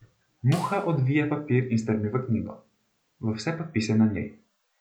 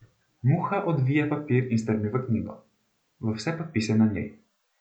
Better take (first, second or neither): second